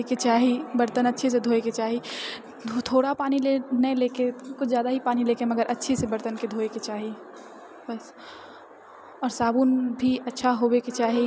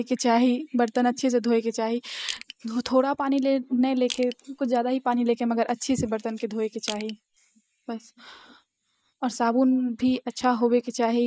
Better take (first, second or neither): first